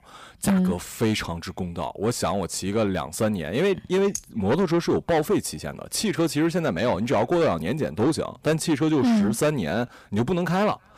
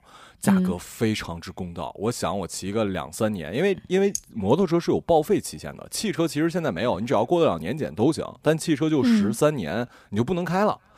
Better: second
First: distortion; slight; 10 dB below the speech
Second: none

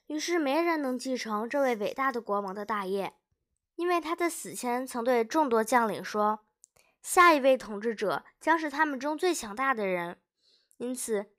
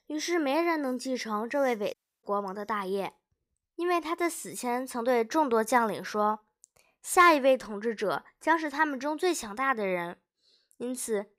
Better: first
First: none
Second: audio cutting out; at 2 s

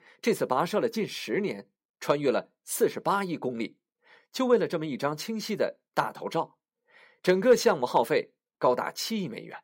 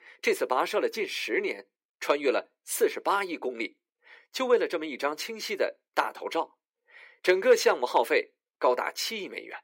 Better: first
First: none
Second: thin; somewhat; fading below 350 Hz

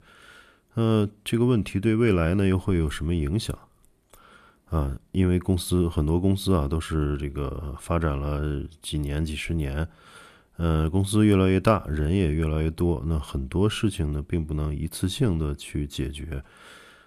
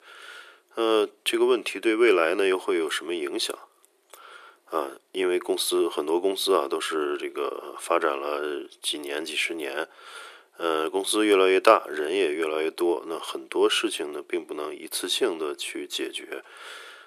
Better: first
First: none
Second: thin; very; fading below 350 Hz

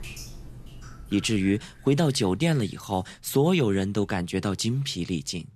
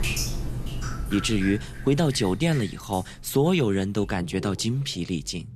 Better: first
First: rain or running water; faint; throughout; 20 dB below the speech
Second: rain or running water; loud; throughout; 10 dB below the speech

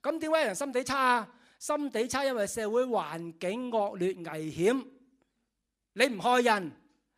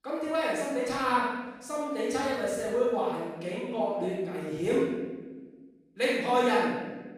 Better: first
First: none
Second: off-mic speech; far // room echo; strong; dies away in 1.2 s

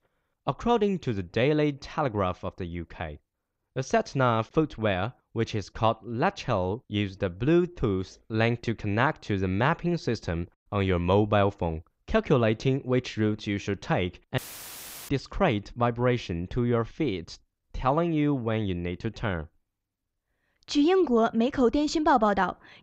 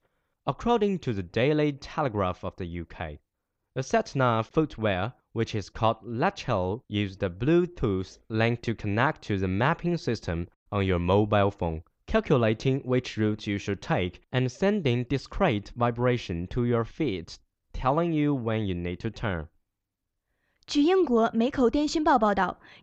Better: second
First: audio cutting out; filled with static; at 14 s for 0.5 s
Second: none

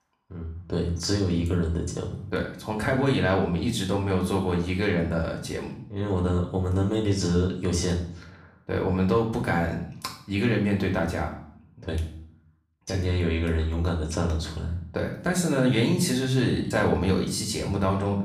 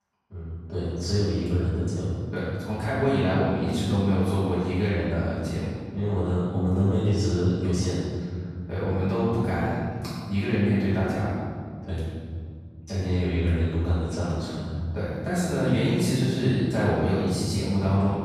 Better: first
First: room echo; slight; dies away in 0.5 s // off-mic speech; far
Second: room echo; strong; dies away in 2.5 s // off-mic speech; far

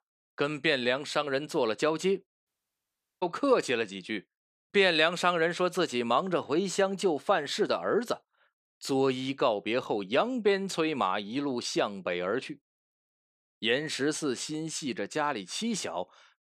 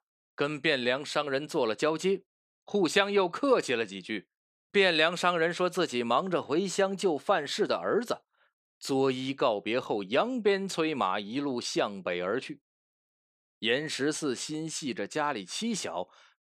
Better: second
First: audio cutting out; at 2.5 s for 1 s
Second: none

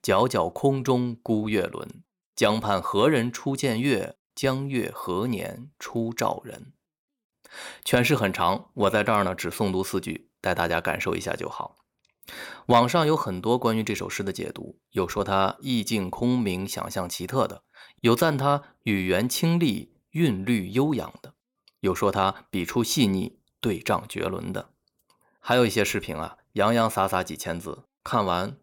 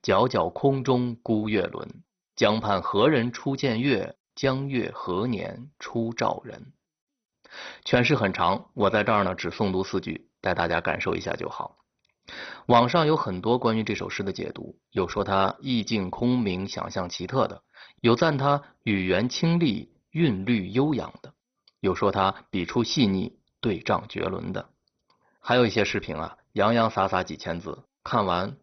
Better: first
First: none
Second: garbled, watery; badly; nothing above 6 kHz

